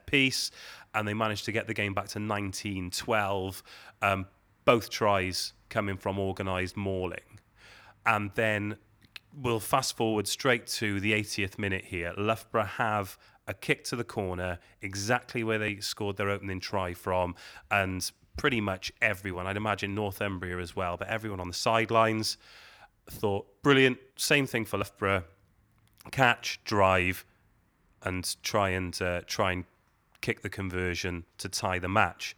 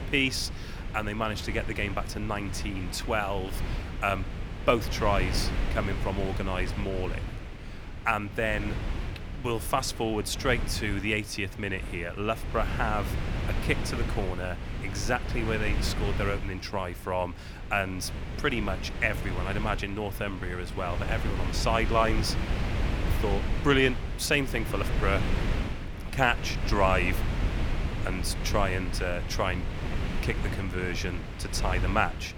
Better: first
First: none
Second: wind noise on the microphone; heavy; 10 dB below the speech

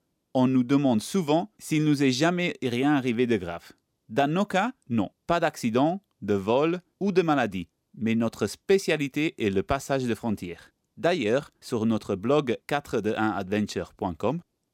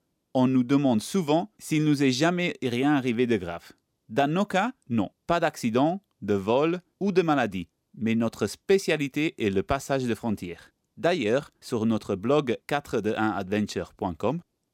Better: neither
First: none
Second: none

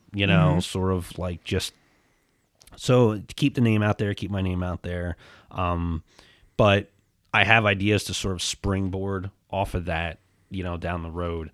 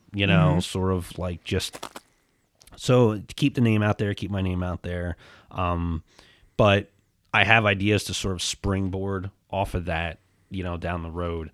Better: first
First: none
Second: footsteps; faint; at 1.5 s; peak 15 dB below the speech

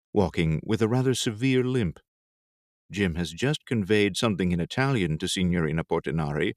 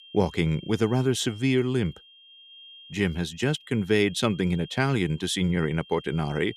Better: first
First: none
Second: high-pitched whine; faint; throughout; 3 kHz, 20 dB below the speech

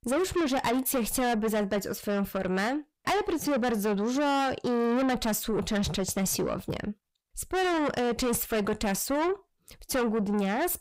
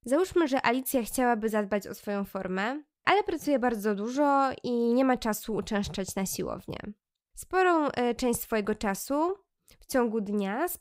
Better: second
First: distortion; heavy; 5 dB below the speech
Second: none

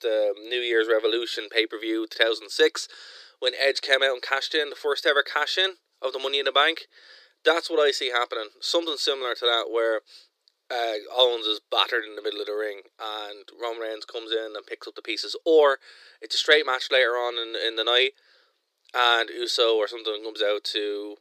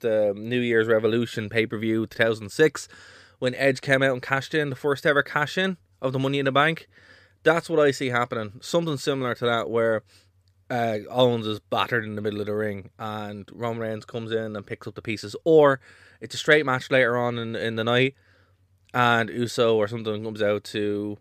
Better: second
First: thin; very; fading below 350 Hz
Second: none

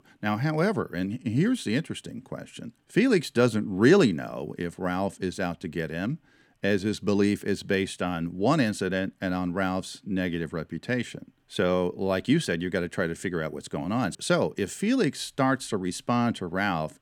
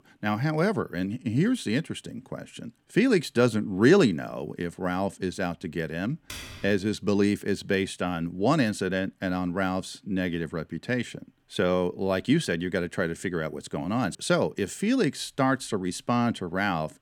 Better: first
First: none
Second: keyboard typing; faint; at 6.5 s; peak 10 dB below the speech

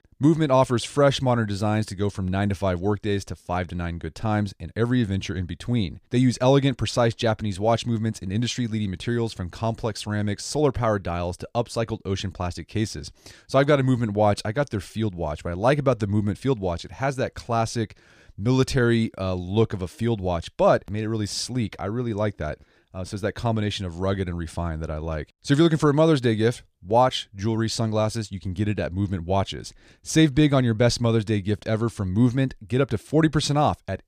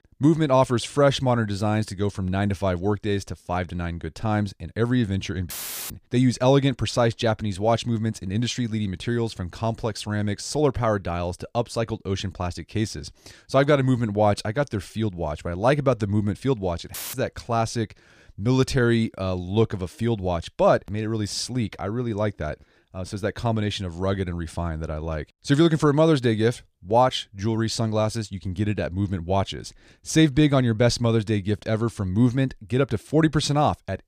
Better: first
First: none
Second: audio cutting out; filled with static; at 5.5 s and at 17 s

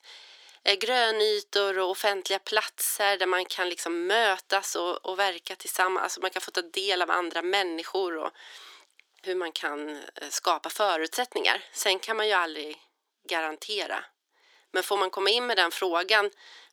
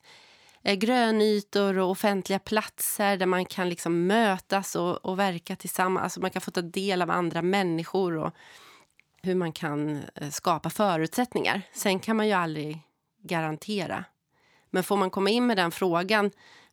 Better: second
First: thin; very; fading below 350 Hz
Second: none

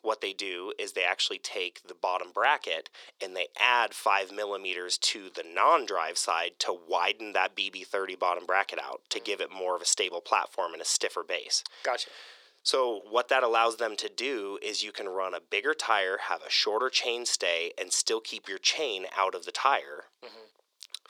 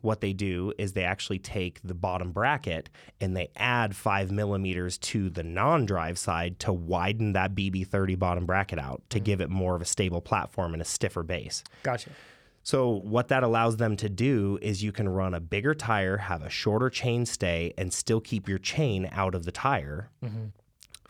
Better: second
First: thin; very; fading below 400 Hz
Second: none

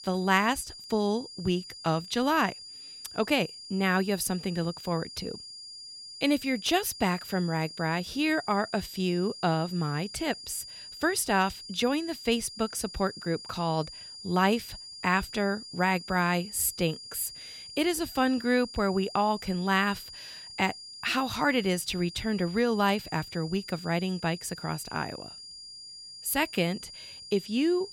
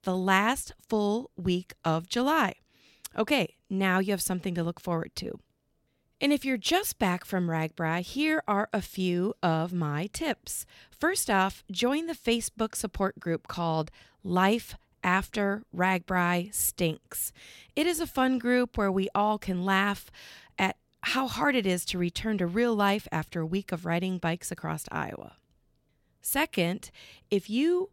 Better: second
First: high-pitched whine; noticeable; throughout; 5 kHz, 15 dB below the speech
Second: none

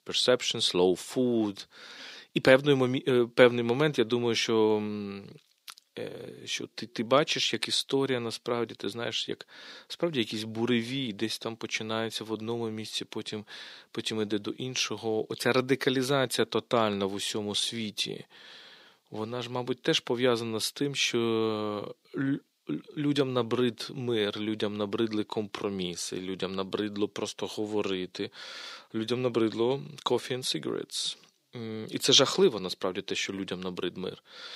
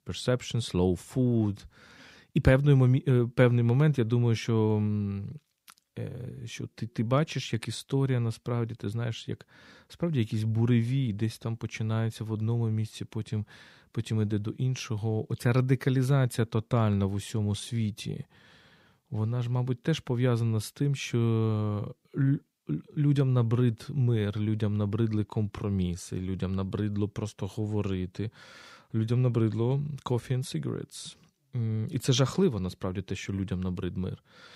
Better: second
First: thin; somewhat; fading below 350 Hz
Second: none

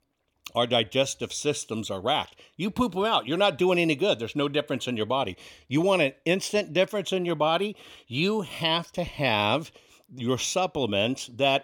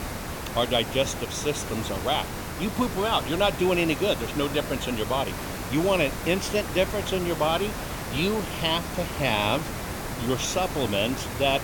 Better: first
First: none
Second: hiss; loud; throughout; 6 dB below the speech

